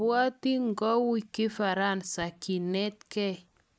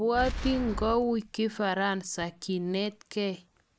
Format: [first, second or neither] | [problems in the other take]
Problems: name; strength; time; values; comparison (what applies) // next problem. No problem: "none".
first | background sound (Boom); 10 dB below the speech